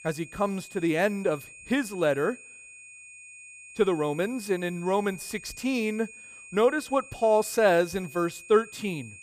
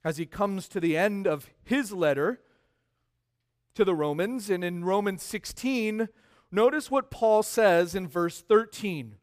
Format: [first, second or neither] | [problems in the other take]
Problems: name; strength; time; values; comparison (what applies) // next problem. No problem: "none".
second | high-pitched whine; noticeable; throughout; 2.5 kHz, 20 dB below the speech